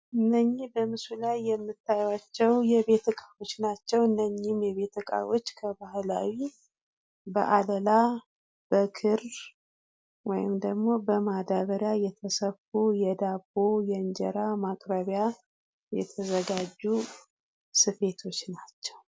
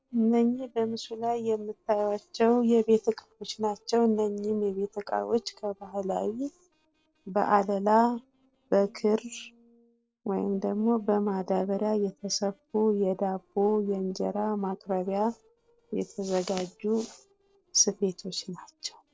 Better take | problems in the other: first | noise reduction (neural separator model SepFormer DNS4)

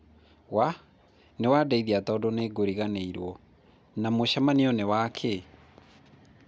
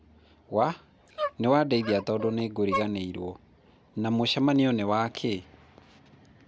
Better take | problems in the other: first | background sound (Dog); 10 dB below the speech

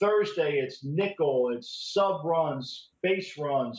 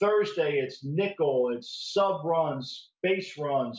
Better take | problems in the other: second | noise reduction (neural mask model Resemble Enhance denoiser)

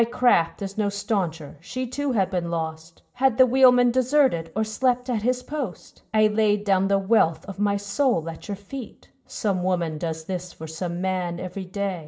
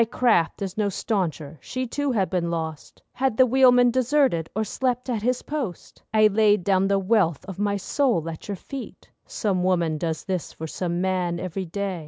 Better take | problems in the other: second | room echo; dies away in 0.4 s

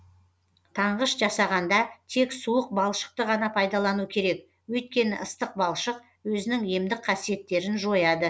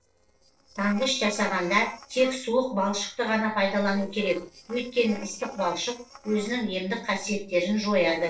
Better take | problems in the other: first | noise reduction (neural separator model SepFormer DNS4)

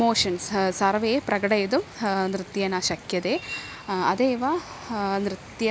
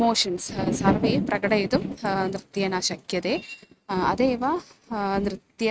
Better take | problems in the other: first | noise reduction (neural mask model RNNoise)

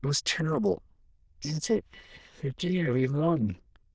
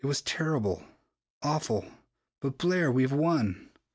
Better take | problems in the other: second | noise reduction (neural diffusion model UNIVERSE++)

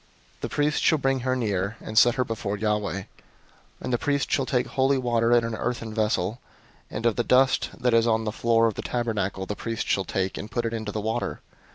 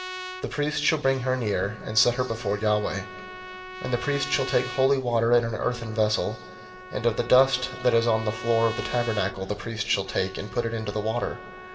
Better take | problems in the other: first | background sound (Trumpet); 14 dB below the speech // room echo; dies away in 1.8 s

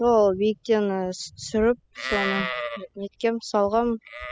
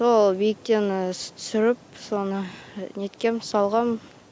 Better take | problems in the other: second | noise reduction (classical method spectral subtraction)

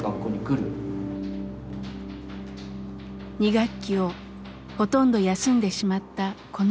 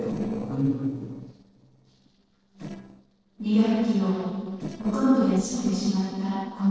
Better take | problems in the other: first | noise reduction (neural separator model SepFormer DNS4)

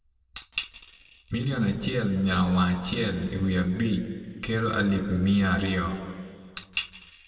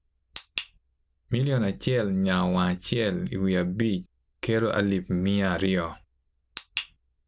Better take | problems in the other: second | room echo; dies away in 1.9 s

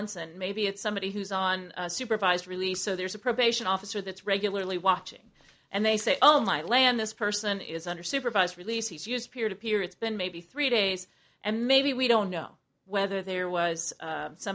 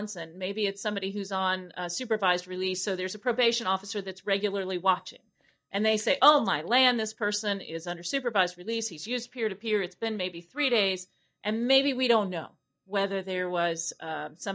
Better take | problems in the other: first | noise reduction (neural mask model DeepFilterNet 3)

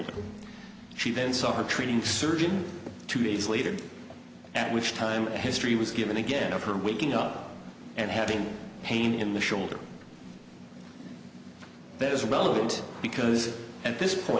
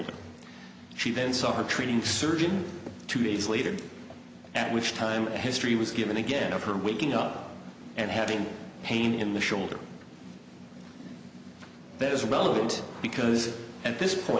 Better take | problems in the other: second | background sound (Bowed string instrument); 18 dB below the speech

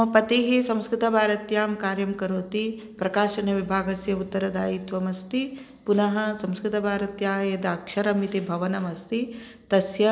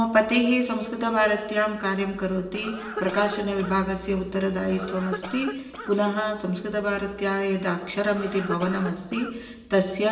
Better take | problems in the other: first | background sound (Cough); 12 dB below the speech // room echo; dies away in 1.1 s

